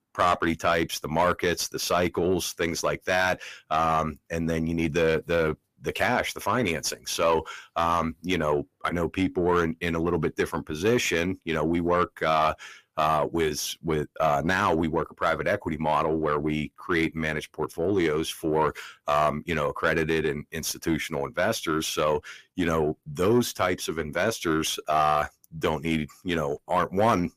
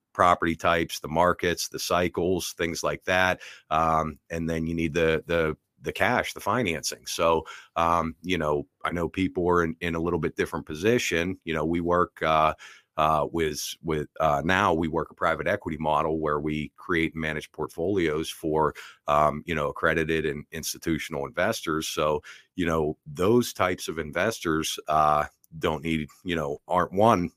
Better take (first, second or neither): second